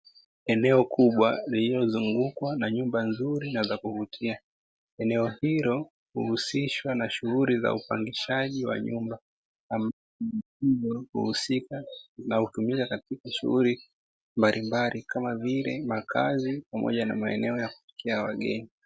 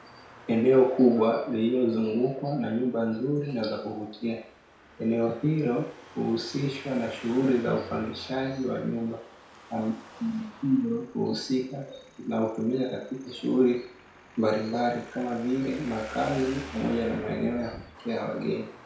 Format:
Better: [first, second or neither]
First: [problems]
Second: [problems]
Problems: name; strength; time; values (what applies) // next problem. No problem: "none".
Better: first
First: none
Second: background sound (Traffic noise, roadway noise); 20 dB below the speech // room echo; dies away in 0.6 s